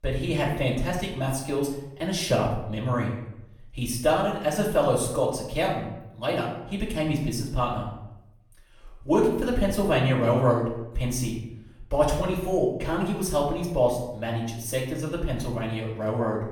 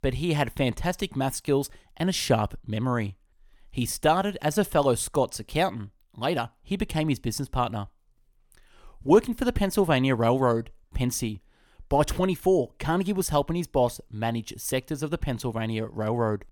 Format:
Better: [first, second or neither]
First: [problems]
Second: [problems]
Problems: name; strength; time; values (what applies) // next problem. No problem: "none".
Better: second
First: room echo; noticeable; dies away in 0.7 s // off-mic speech; far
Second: none